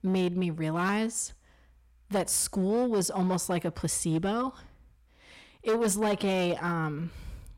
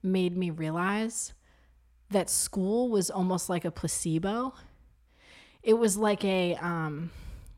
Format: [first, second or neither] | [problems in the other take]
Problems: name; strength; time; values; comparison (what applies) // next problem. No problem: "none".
second | distortion; slight; 7% of the sound clipped